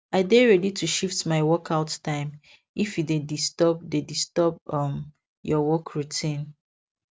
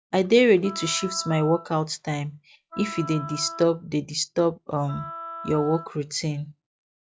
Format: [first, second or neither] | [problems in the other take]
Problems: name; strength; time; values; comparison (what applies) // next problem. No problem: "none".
first | noise reduction (classical method log-MMSE)